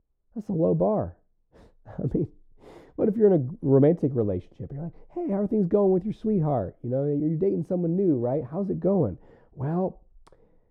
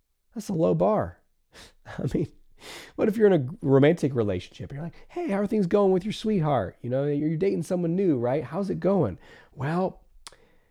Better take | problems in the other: second | muffled; very; fading above 1.5 kHz

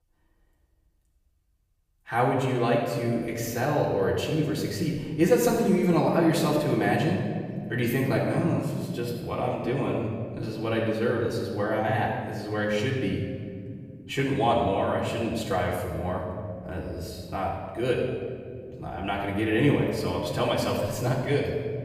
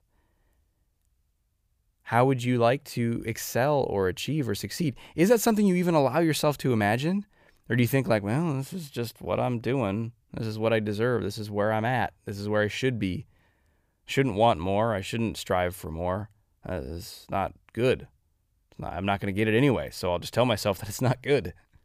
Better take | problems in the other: second | off-mic speech; far // room echo; noticeable; dies away in 1.9 s

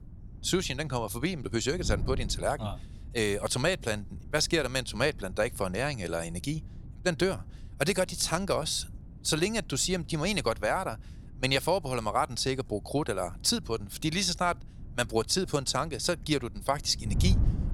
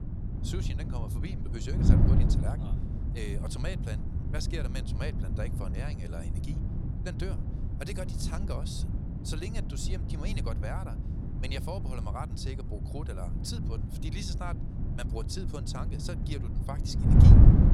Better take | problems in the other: first | wind noise on the microphone; heavy; as loud as the speech; occasional gusts in the first

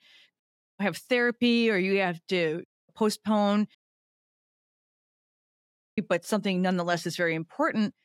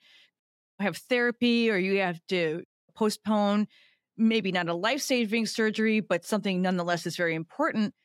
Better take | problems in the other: second | audio cutting out; at 4 s for 2 s

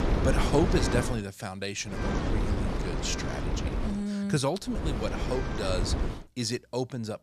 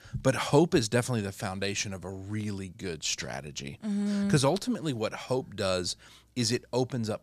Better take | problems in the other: second | wind noise on the microphone; heavy; until 1 s, from 2 to 4 s and from 4.5 to 6 s; 2 dB below the speech

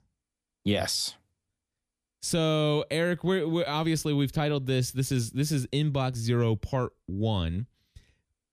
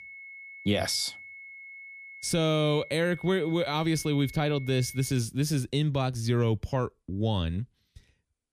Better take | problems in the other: first | high-pitched whine; noticeable; until 5 s; 2 kHz, 15 dB below the speech

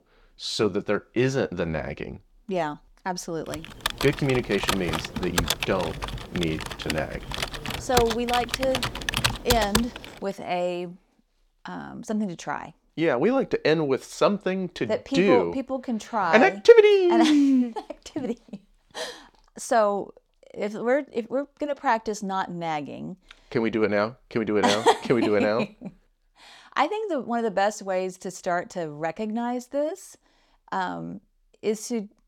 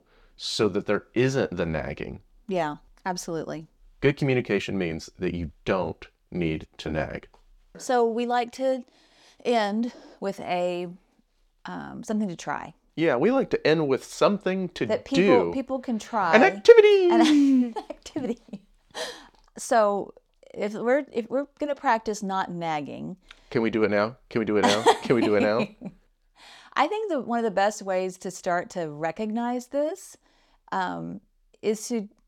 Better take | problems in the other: second | keyboard typing; loud; from 3.5 to 10 s; peak 1 dB above the speech

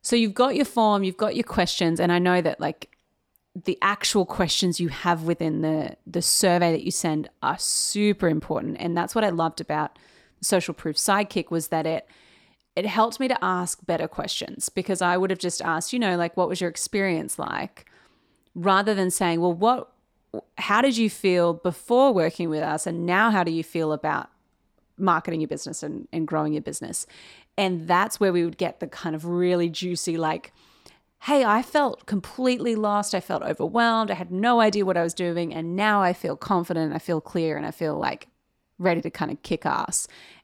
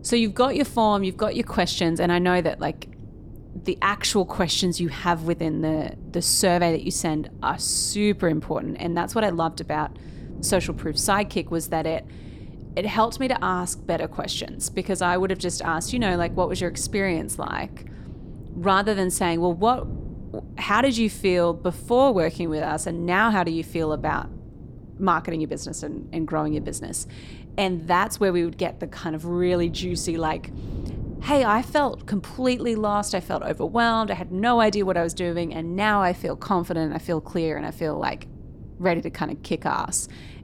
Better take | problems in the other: first | wind noise on the microphone; occasional gusts; 25 dB below the speech

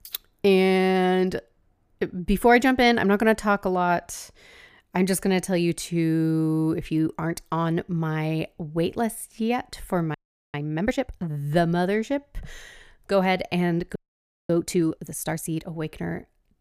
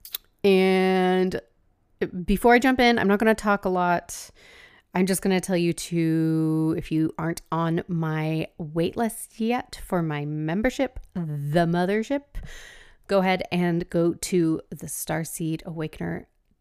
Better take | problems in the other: second | audio freezing; at 10 s and at 14 s for 0.5 s

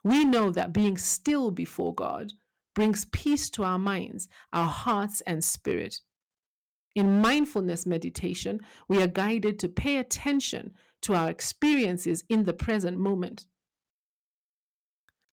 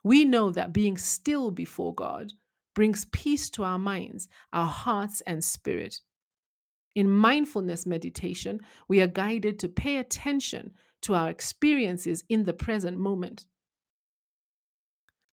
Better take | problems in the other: second | distortion; slight; 5% of the sound clipped

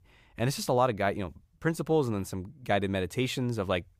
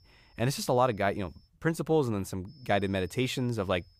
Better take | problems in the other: first | high-pitched whine; faint; until 1.5 s and from 2.5 s on; 5 kHz, 30 dB below the speech

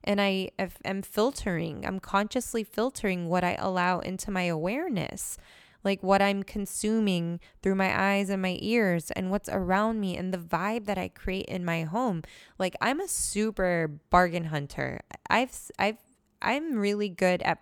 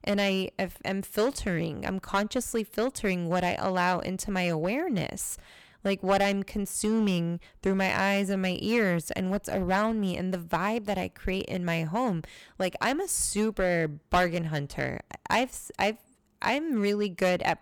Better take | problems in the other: first | distortion; slight; 4% of the sound clipped

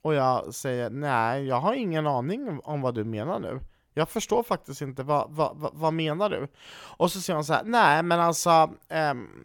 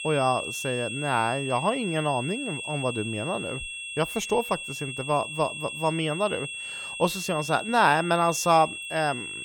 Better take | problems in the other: first | high-pitched whine; loud; throughout; 2.5 kHz, 7 dB below the speech

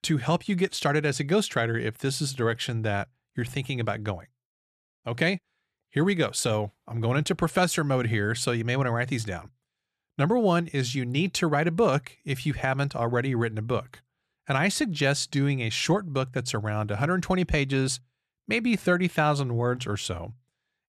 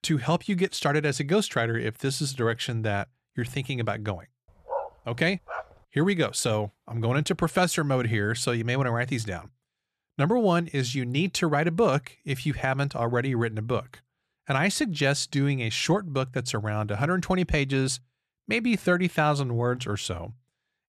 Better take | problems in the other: first | dog barking; noticeable; at 4.5 s; peak 7 dB below the speech

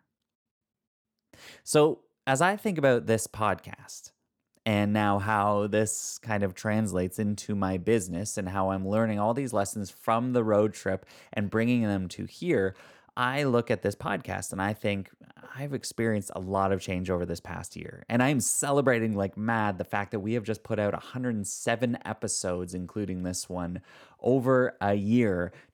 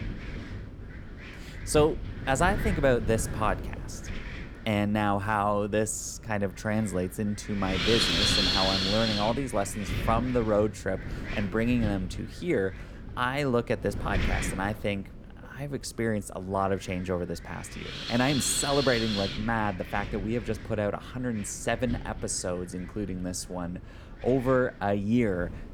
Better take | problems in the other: first | wind noise on the microphone; heavy; 2 dB below the speech

